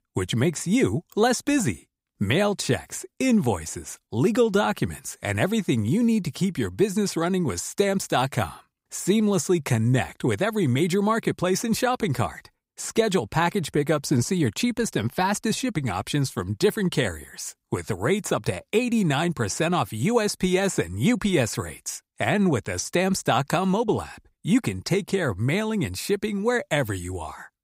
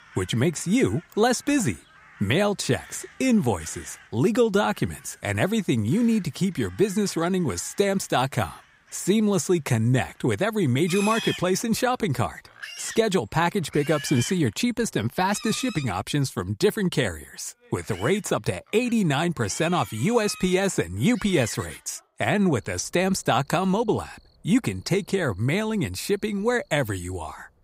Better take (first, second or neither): first